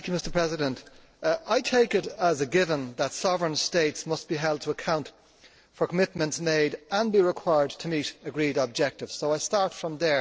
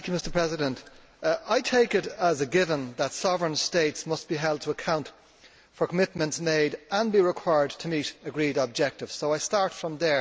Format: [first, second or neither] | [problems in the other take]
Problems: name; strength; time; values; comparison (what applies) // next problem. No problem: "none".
second | noise reduction (neural separator model SepFormer DNS4)